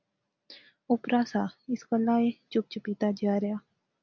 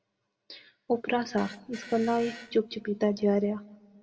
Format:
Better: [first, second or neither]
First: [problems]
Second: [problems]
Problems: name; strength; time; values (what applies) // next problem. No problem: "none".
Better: first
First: none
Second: background sound (Fart); 19 dB below the speech // room echo; dies away in 0.6 s